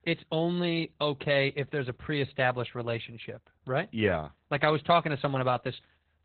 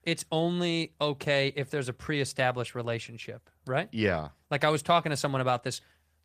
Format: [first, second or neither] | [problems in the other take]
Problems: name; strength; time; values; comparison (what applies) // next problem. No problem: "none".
second | garbled, watery; badly; nothing above 4 kHz; slightly in the second